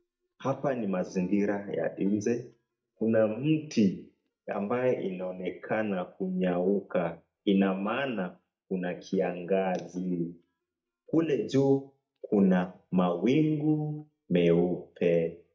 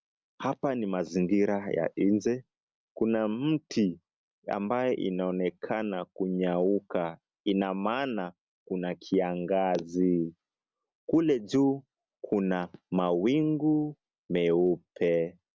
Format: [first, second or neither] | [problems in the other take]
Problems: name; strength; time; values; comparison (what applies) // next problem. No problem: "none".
second | noise reduction (neural mask model DeepFilterNet 3)